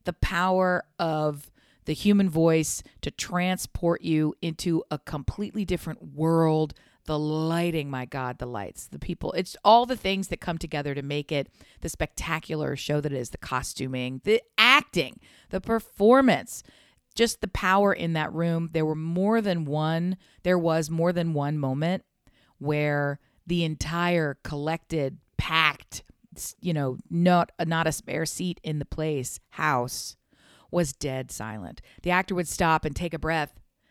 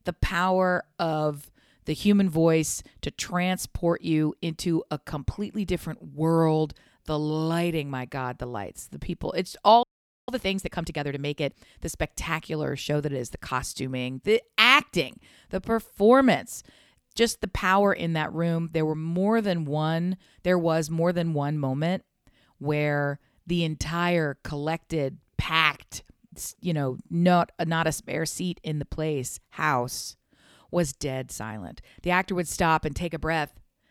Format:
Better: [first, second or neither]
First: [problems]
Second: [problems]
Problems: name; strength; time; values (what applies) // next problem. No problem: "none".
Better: first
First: none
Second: audio freezing; at 10 s